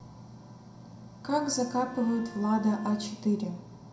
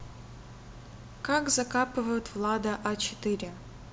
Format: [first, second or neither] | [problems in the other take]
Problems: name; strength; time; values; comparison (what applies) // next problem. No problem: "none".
second | background sound (Bowed string instrument); 19 dB below the speech // room echo; dies away in 0.5 s